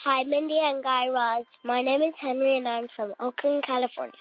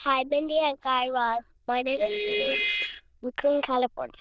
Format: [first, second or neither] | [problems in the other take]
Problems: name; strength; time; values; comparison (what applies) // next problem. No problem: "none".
first | noise reduction (neural diffusion model UNIVERSE++)